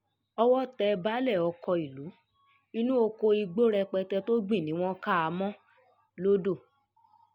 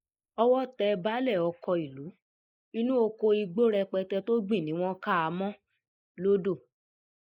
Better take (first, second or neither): first